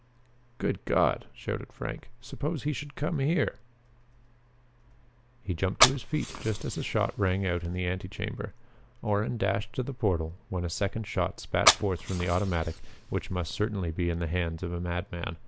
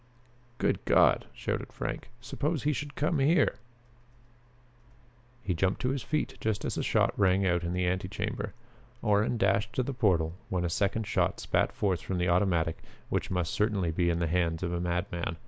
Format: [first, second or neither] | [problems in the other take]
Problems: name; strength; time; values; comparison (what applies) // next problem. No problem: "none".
second | background sound (Fire); 1 dB below the speech